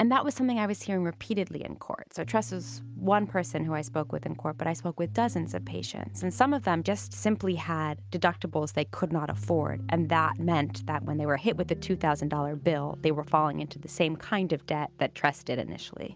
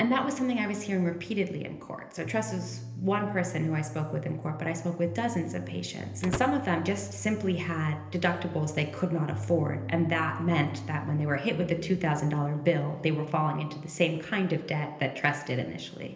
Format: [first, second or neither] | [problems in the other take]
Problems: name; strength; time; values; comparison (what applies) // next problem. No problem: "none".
first | background sound (Slam / Wood); 11 dB below the speech // room echo; dies away in 1.4 s